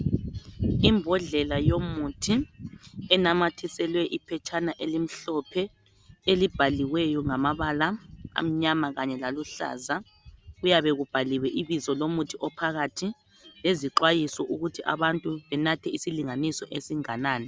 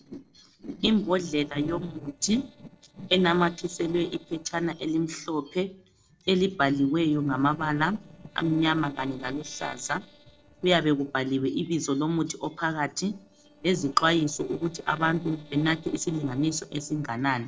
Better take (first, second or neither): first